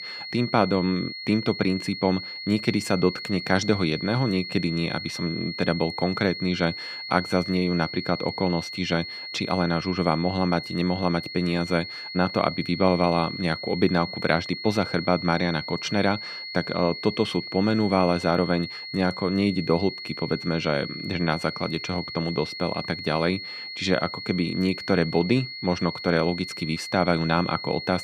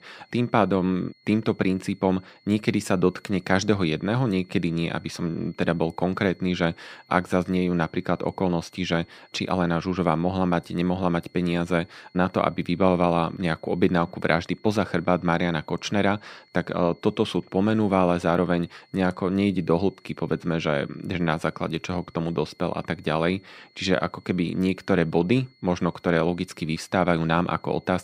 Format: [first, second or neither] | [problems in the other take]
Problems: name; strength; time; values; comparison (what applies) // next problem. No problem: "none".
second | high-pitched whine; loud; throughout; 4.5 kHz, 8 dB below the speech; faint in the second